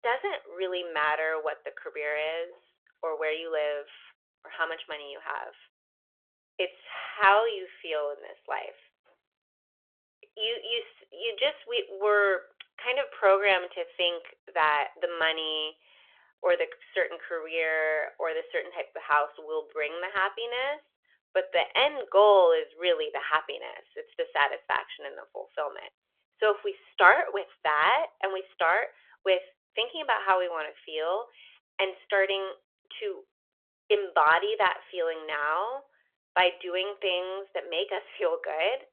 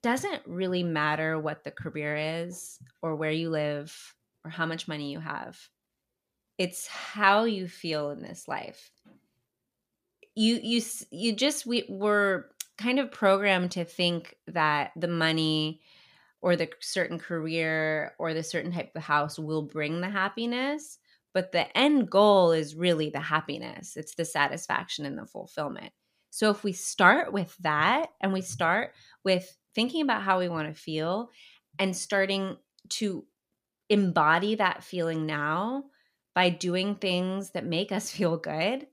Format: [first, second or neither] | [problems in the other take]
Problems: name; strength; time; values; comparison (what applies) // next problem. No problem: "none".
second | phone-call audio; nothing above 3.5 kHz